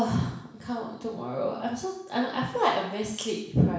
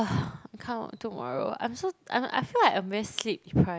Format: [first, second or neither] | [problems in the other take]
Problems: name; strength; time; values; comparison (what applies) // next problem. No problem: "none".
second | room echo; dies away in 0.7 s